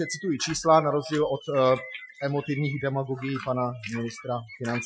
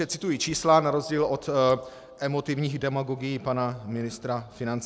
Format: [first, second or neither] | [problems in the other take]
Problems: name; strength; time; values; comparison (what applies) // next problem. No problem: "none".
second | noise reduction (classical method Wiener filter)